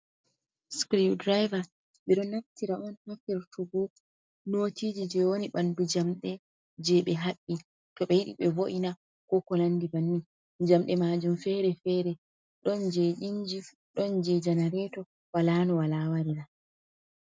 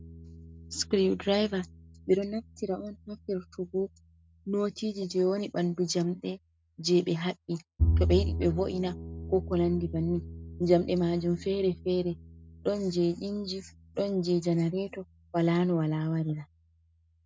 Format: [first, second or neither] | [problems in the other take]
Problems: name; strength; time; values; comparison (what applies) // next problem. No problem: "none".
first | background sound (Bowed string instrument); 8 dB below the speech